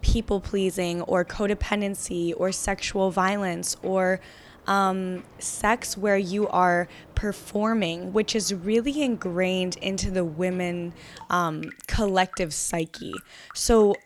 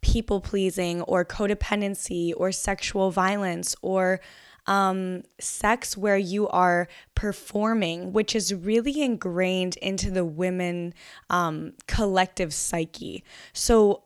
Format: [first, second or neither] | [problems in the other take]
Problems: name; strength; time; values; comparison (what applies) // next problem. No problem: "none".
second | rain or running water; faint; throughout; 25 dB below the speech